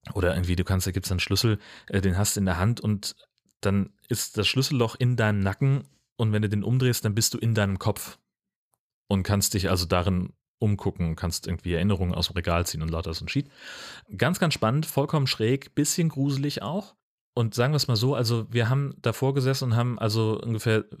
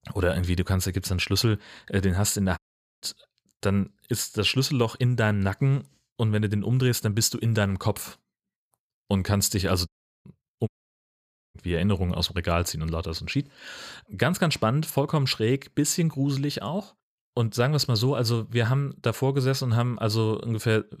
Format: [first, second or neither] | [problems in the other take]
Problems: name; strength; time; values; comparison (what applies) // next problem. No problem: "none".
first | audio cutting out; at 2.5 s, at 10 s and at 11 s for 1 s